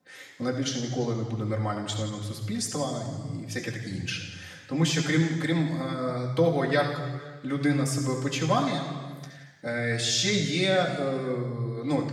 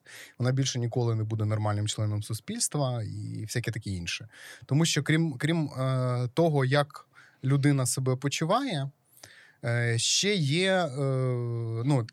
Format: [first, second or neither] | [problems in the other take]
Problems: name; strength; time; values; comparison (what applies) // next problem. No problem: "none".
second | room echo; noticeable; dies away in 1.5 s // off-mic speech; far